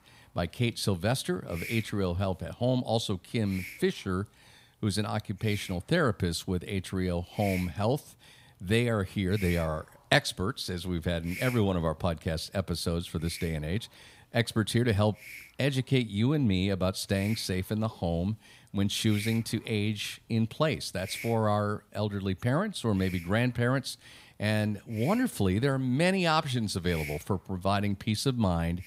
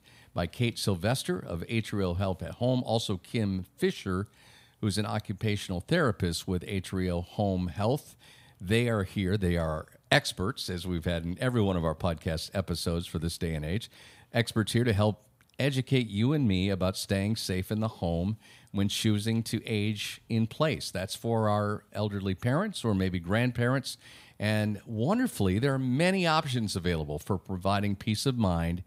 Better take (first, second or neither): second